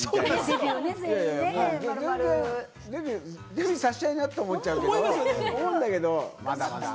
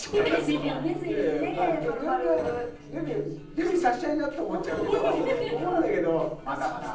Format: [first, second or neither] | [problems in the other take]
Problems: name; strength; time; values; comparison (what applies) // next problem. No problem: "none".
first | noise reduction (neural separator model SepFormer DNS4)